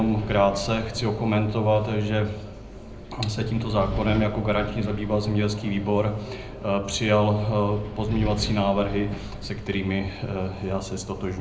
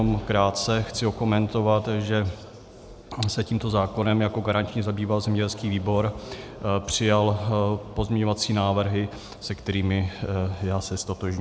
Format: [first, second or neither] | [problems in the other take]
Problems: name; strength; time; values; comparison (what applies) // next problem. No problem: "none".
second | background sound (Wind); 11 dB below the speech // room echo; dies away in 0.5 s